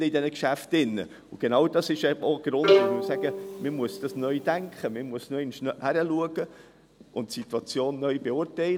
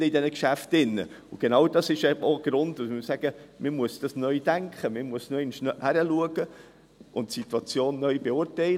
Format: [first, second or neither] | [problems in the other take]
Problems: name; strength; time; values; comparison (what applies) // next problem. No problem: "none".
second | background sound (Bowed string instrument); 1 dB above the speech